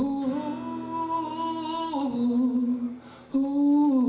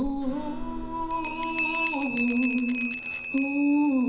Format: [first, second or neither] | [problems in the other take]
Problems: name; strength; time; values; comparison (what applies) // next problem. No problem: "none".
first | background sound (Bell); 6 dB below the speech